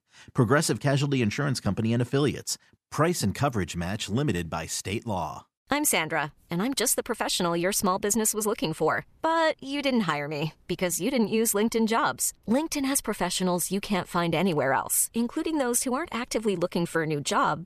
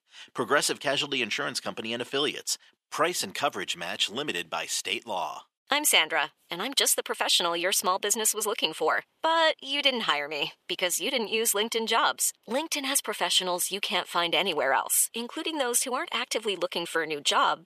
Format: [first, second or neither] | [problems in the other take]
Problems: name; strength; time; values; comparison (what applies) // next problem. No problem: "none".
first | thin; somewhat; fading below 450 Hz